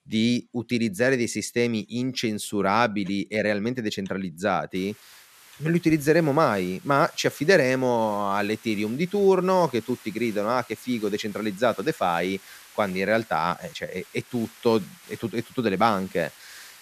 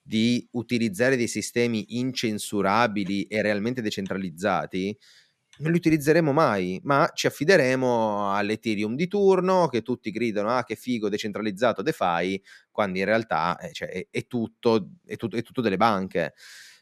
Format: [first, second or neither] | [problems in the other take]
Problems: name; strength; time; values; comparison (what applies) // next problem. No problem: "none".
second | hiss; faint; from 5 s on; 20 dB below the speech